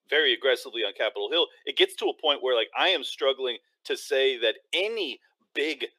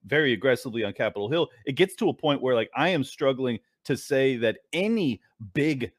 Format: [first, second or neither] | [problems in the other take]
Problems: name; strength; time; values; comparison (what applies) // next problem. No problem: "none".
second | thin; very; fading below 350 Hz